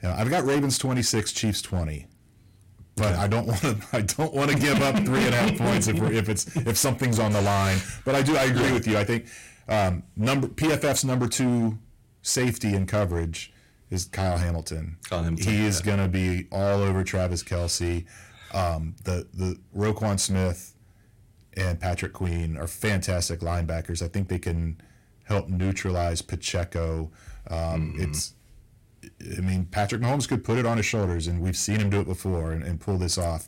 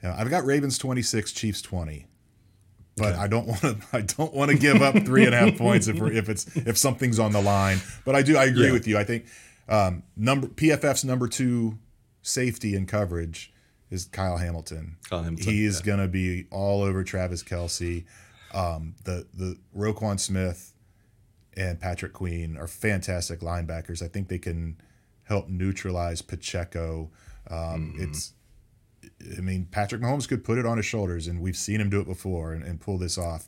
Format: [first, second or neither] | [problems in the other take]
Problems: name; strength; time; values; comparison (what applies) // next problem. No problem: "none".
second | distortion; heavy; 14% of the sound clipped